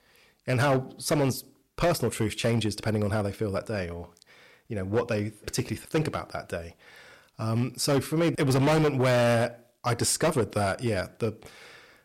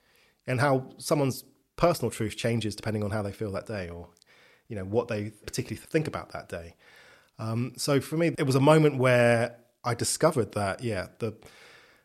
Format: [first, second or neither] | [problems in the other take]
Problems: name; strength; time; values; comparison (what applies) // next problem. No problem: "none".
second | distortion; heavy; 8% of the sound clipped